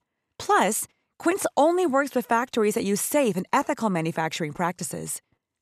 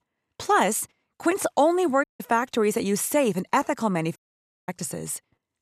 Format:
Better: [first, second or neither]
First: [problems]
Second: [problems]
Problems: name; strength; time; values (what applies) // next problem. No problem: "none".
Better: first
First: none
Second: audio cutting out; at 2 s and at 4 s for 0.5 s